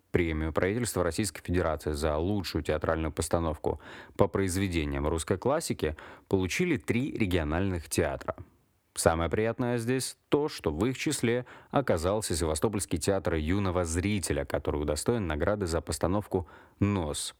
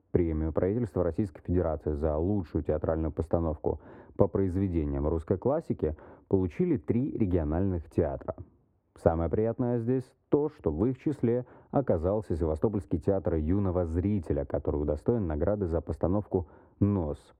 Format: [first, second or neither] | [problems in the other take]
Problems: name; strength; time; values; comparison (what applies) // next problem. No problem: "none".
first | muffled; very; fading above 1.5 kHz